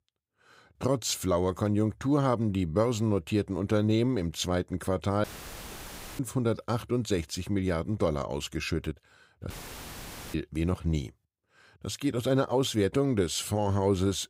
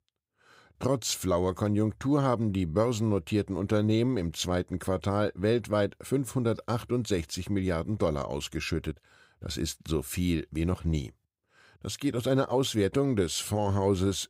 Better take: second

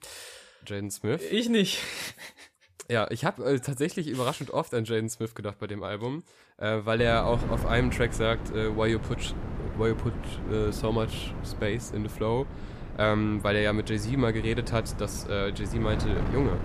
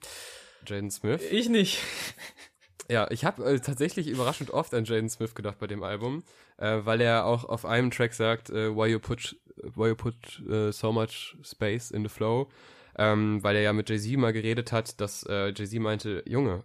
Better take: second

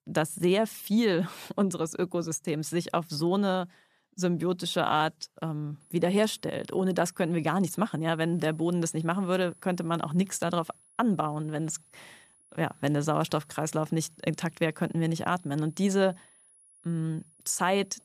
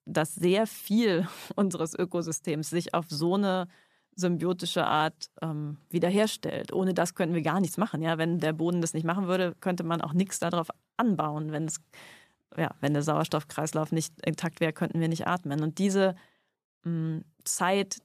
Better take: second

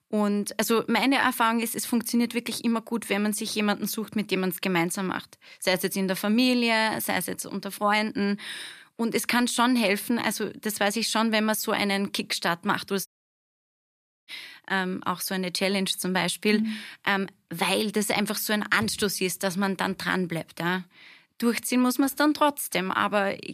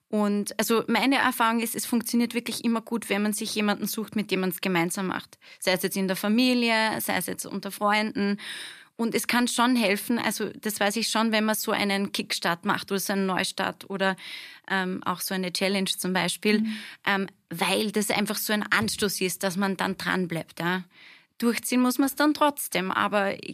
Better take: second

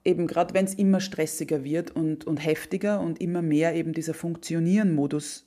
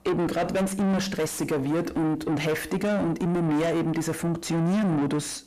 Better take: first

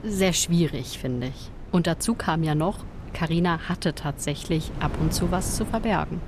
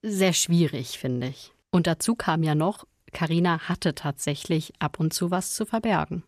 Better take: second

